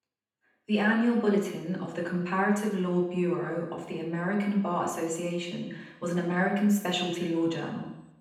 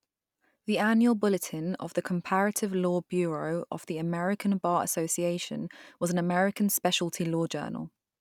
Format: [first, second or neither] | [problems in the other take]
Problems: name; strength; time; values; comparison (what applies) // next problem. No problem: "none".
second | room echo; dies away in 0.9 s